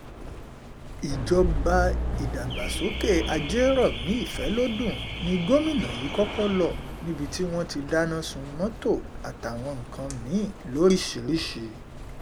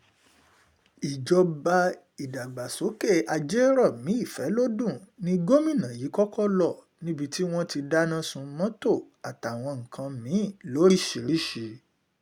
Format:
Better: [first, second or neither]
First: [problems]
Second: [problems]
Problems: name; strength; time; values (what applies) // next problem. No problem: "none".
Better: second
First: background sound (Alarm / Car); 5 dB below the speech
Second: none